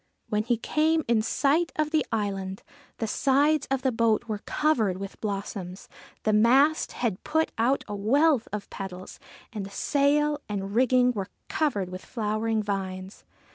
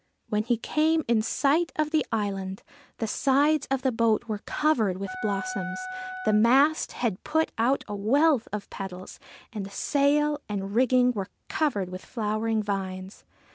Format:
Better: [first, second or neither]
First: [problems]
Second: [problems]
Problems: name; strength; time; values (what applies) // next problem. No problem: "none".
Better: first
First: none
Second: background sound (Wind instrument, woodwind instrument); 10 dB below the speech